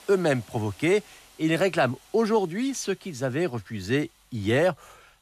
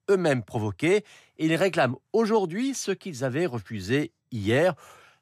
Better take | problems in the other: second | hiss; faint; throughout; 25 dB below the speech

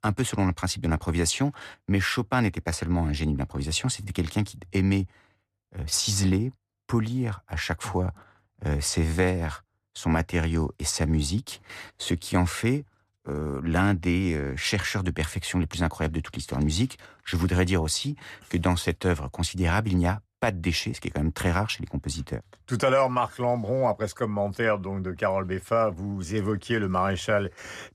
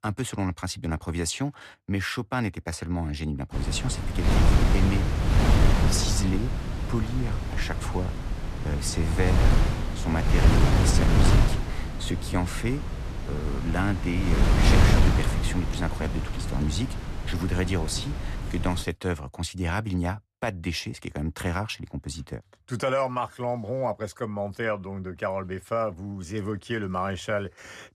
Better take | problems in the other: first | wind noise on the microphone; heavy; from 3.5 to 19 s; 1 dB below the speech

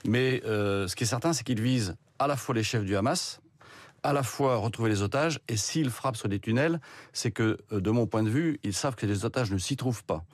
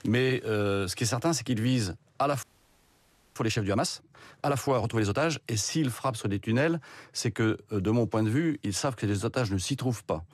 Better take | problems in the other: first | audio freezing; at 2.5 s for 1 s

